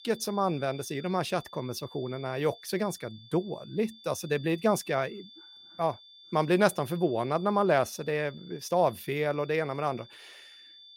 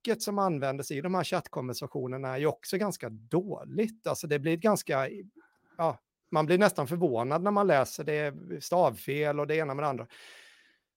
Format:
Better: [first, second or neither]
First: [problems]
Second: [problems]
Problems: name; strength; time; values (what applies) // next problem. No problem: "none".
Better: second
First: high-pitched whine; faint; throughout; 3.5 kHz, 20 dB below the speech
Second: none